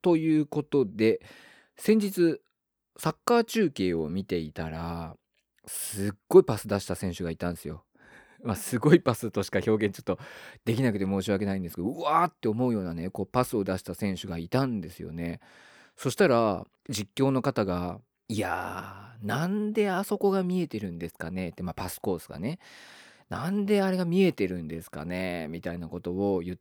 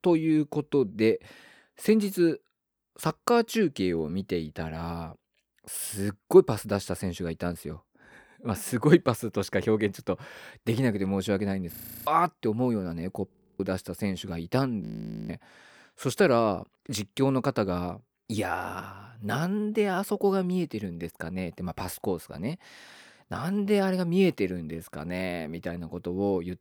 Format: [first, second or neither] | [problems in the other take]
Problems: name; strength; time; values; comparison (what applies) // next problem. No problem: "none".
first | audio freezing; at 12 s, at 13 s and at 15 s